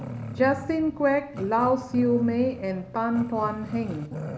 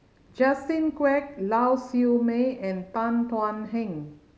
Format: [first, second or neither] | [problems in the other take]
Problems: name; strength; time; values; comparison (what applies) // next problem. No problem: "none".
second | background sound (Growling); 12 dB below the speech